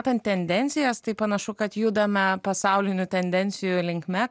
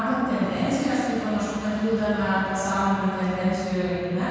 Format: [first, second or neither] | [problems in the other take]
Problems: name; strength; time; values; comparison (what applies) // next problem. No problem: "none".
first | background sound (Musical instrument); 15 dB below the speech // room echo; dies away in 2.1 s